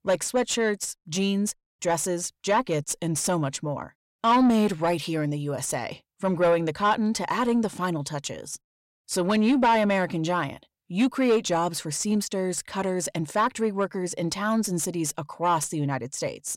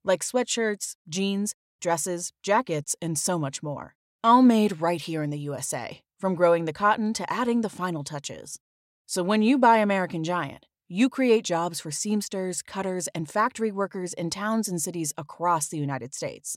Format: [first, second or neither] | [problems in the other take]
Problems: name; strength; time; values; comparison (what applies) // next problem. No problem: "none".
second | distortion; slight; 10 dB below the speech